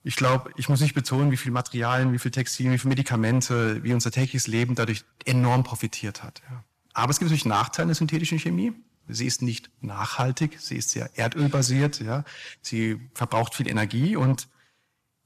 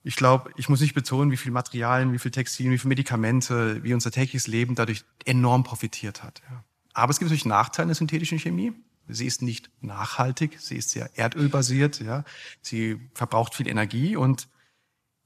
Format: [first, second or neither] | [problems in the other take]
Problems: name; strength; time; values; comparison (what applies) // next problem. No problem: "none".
second | distortion; slight; 4% of the sound clipped